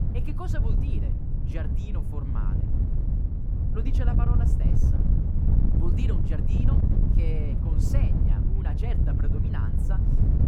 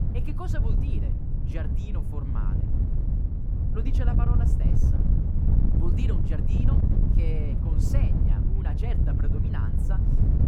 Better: neither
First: wind noise on the microphone; heavy; 2 dB above the speech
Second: wind noise on the microphone; heavy; 2 dB above the speech

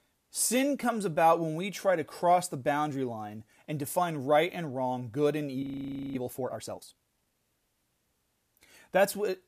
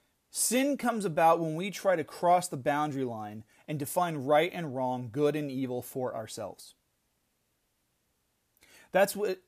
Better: second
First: audio freezing; at 5.5 s for 0.5 s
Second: none

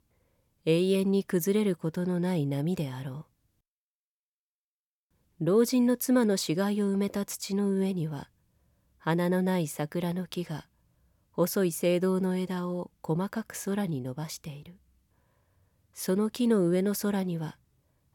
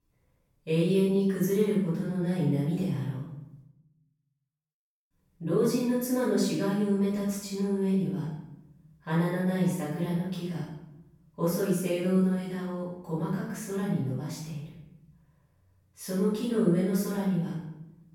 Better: first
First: none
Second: off-mic speech; far // room echo; strong; dies away in 0.8 s

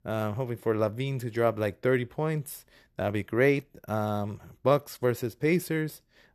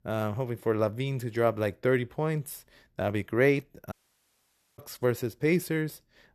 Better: first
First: none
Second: audio cutting out; at 4 s for 1 s

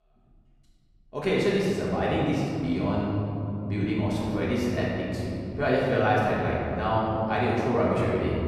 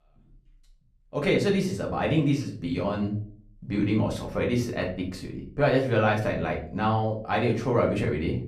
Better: second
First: room echo; strong; dies away in 3 s // off-mic speech; far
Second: room echo; slight; dies away in 0.4 s // off-mic speech; far

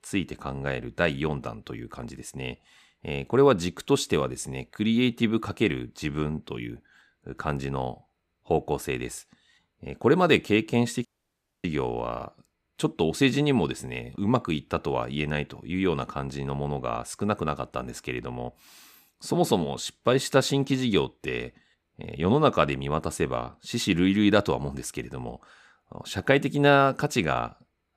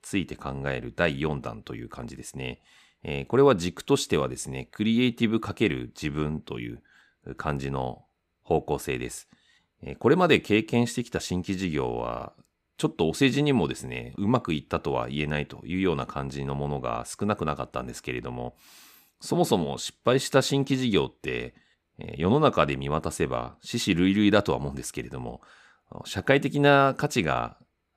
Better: second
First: audio cutting out; at 11 s for 0.5 s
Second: none

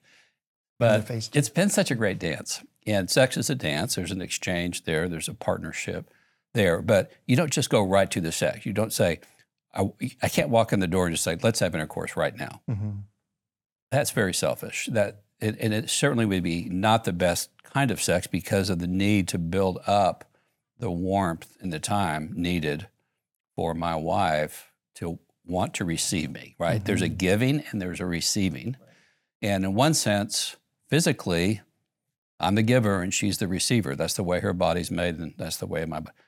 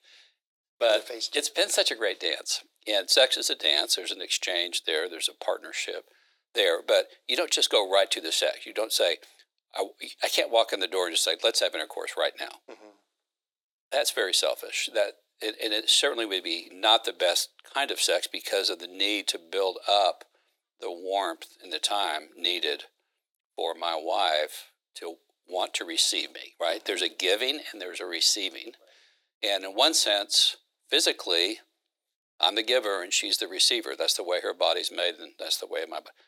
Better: first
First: none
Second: thin; very; fading below 350 Hz

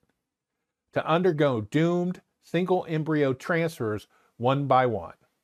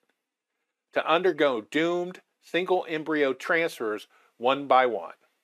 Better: first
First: none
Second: thin; somewhat; fading below 300 Hz

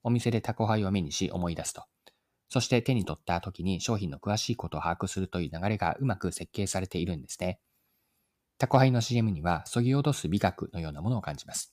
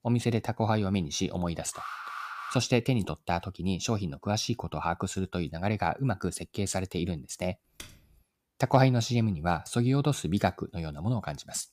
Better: first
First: none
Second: alarm; noticeable; at 1.5 s; peak 7 dB below the speech // keyboard typing; faint; at 8 s; peak 20 dB below the speech

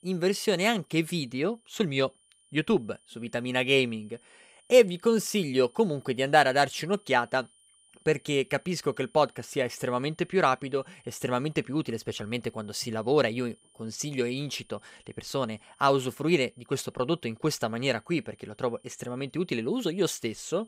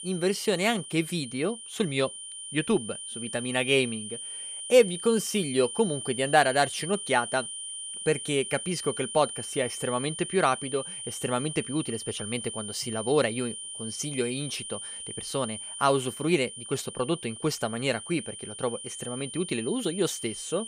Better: first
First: high-pitched whine; faint; throughout; 9.5 kHz, 35 dB below the speech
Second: high-pitched whine; loud; throughout; 9.5 kHz, 8 dB below the speech

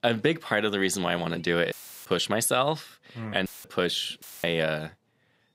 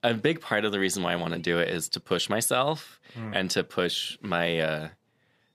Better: second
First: audio cutting out; filled with static; at 1.5 s, at 3.5 s and at 4 s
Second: none

